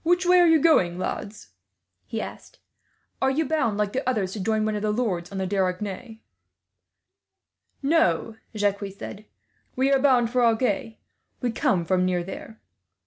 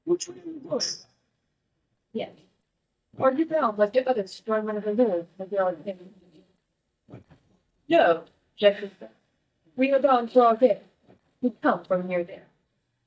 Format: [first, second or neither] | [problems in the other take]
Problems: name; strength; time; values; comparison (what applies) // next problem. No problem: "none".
first | noise reduction (neural mask model DeepFilterNet 3)